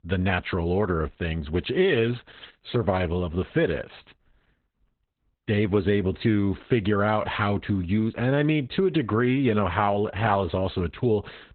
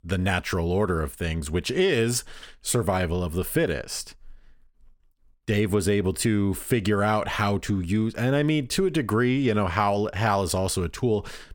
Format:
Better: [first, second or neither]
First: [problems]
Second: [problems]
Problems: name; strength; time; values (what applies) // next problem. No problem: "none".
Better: second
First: garbled, watery; badly; nothing above 4 kHz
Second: none